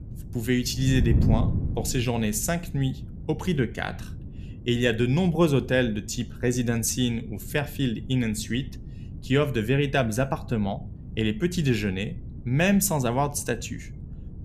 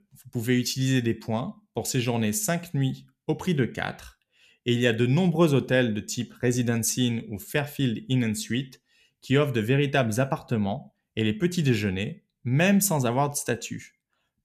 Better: second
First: wind noise on the microphone; occasional gusts; 15 dB below the speech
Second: none

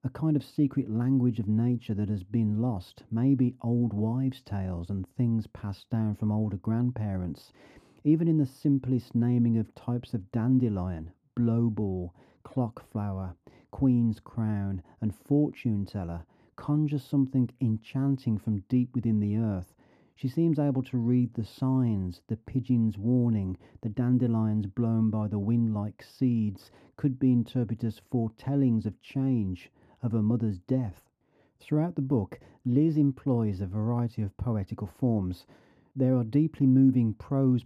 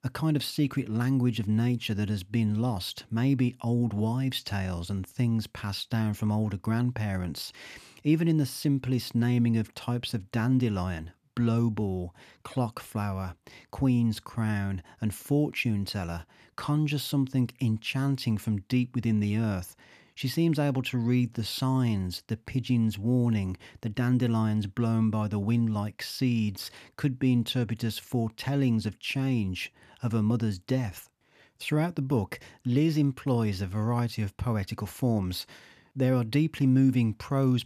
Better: second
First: muffled; slightly; fading above 1.5 kHz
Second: none

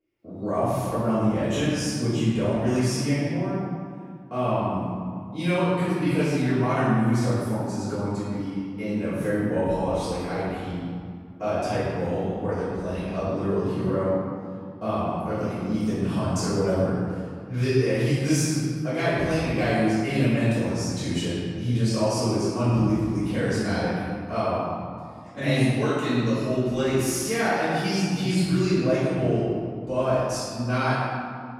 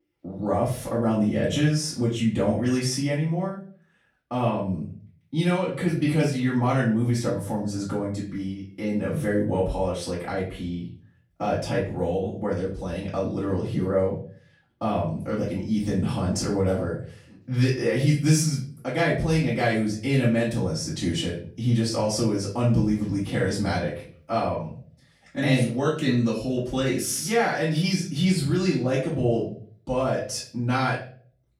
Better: second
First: room echo; strong; dies away in 1.9 s // off-mic speech; far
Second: room echo; slight; dies away in 0.4 s // off-mic speech; far

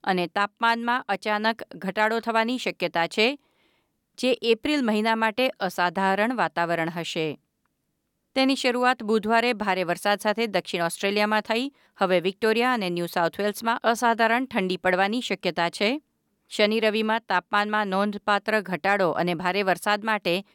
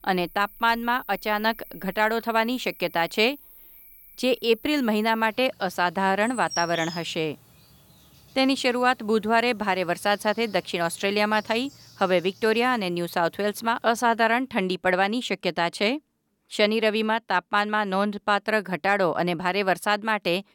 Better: first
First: none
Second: animal sounds; noticeable; until 14 s; 20 dB below the speech

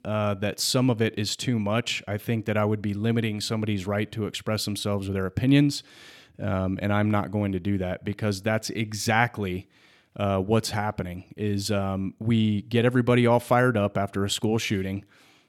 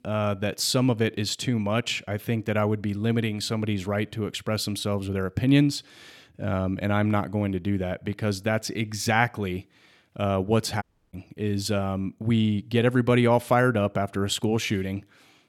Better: first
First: none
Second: audio cutting out; at 11 s

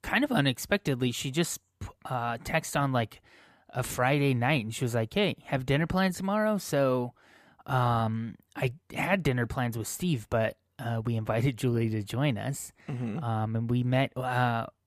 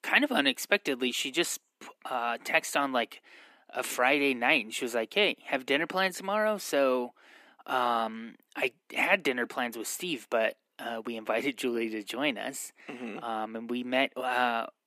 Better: first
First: none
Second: thin; somewhat; fading below 250 Hz

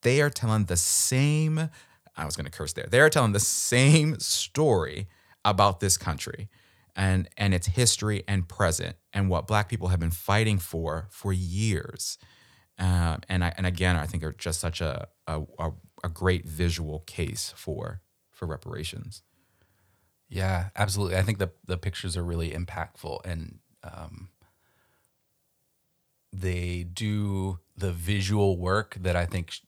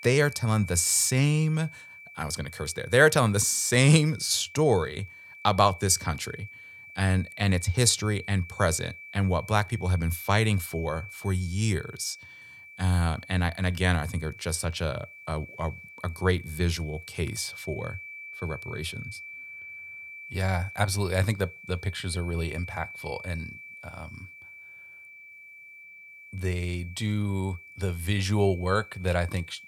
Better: first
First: none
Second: high-pitched whine; noticeable; throughout; 2.5 kHz, 15 dB below the speech

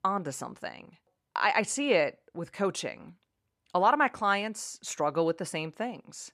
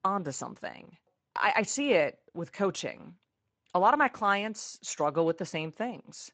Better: first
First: none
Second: garbled, watery; slightly; nothing above 7.5 kHz

